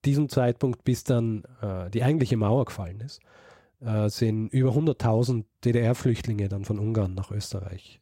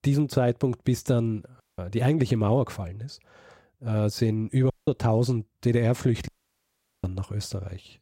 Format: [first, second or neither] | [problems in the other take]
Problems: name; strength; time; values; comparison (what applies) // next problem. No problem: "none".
first | audio cutting out; at 1.5 s, at 4.5 s and at 6.5 s for 1 s